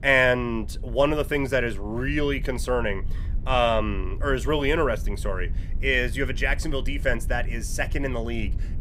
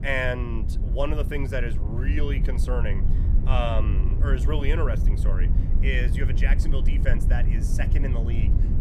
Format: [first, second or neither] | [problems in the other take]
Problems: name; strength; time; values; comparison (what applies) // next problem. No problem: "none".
first | low rumble; loud; throughout; 9 dB below the speech; faint in the first